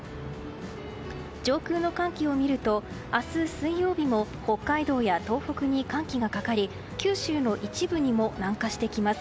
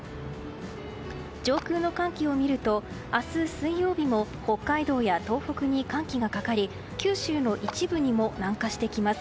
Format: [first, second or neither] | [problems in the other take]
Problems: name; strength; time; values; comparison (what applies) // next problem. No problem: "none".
first | background sound (Clapping); 17 dB below the speech